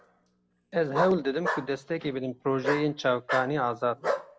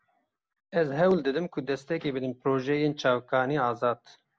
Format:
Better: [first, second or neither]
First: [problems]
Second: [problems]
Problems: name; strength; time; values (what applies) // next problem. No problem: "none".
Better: second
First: background sound (Bark); 6 dB below the speech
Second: none